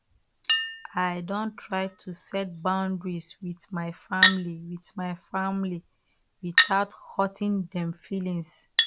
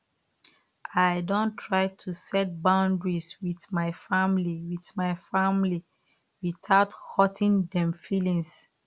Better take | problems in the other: second | background sound (Chink, clink); 1 dB below the speech

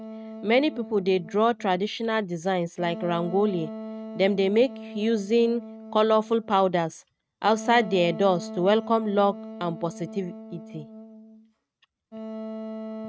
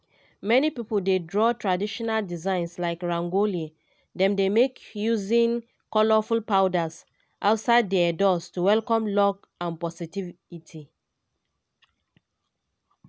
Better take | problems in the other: second | noise reduction (neural mask model RNNoise)

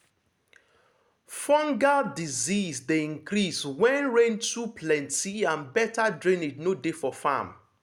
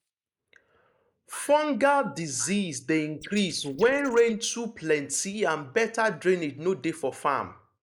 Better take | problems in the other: first | noise reduction (neural mask model Resemble Enhance denoiser)

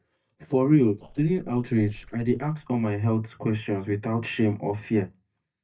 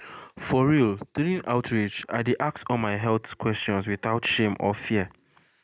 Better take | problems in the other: second | noise reduction (neural mask model DeepFilterNet 3)

